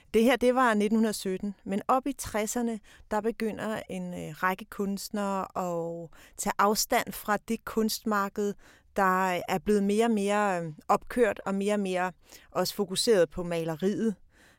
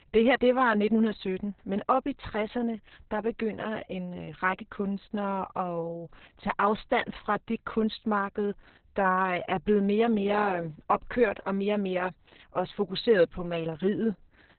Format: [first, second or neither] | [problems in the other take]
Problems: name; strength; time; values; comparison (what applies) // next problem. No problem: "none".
first | garbled, watery; badly; nothing above 4 kHz